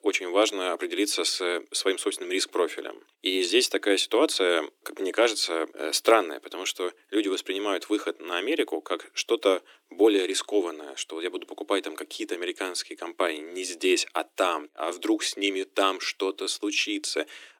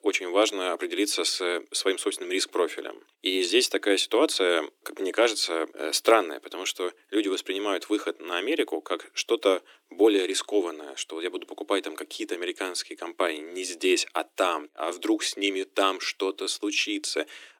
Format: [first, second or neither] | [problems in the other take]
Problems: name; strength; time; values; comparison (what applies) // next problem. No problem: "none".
neither | thin; very; fading below 300 Hz; the same in both